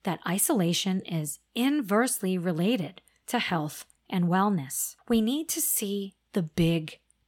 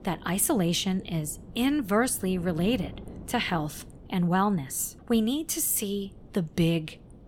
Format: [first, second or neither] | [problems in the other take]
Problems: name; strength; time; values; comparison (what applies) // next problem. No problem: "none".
first | wind noise on the microphone; occasional gusts; 25 dB below the speech